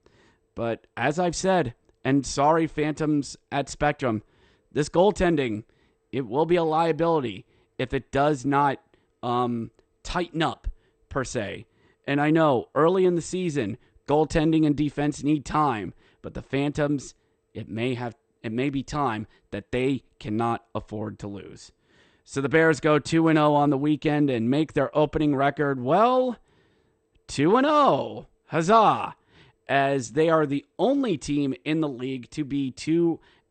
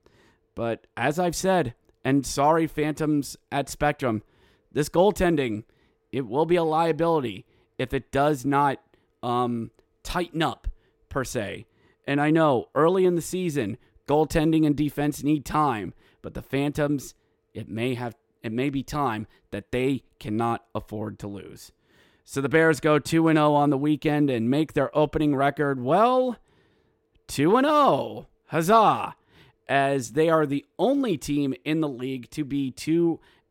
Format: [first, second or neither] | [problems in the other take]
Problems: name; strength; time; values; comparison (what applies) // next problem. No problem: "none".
second | garbled, watery; slightly; nothing above 8.5 kHz